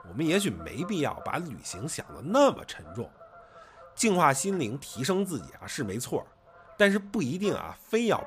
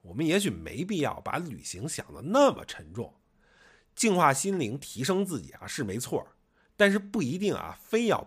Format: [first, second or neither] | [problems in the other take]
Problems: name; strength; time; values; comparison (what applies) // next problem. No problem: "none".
second | animal sounds; faint; throughout; 20 dB below the speech